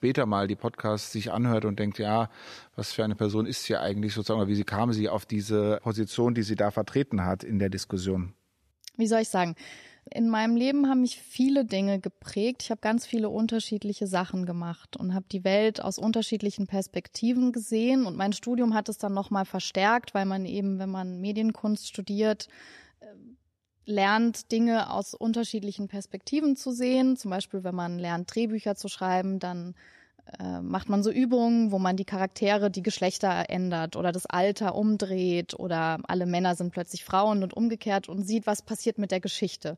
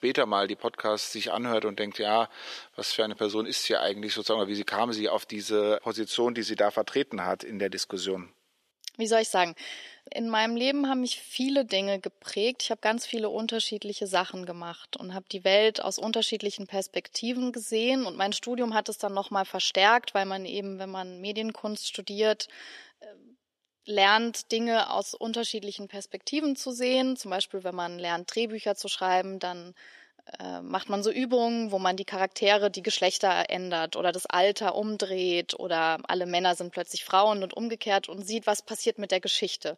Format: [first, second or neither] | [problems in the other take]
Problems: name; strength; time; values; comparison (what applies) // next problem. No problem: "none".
first | thin; somewhat; fading below 400 Hz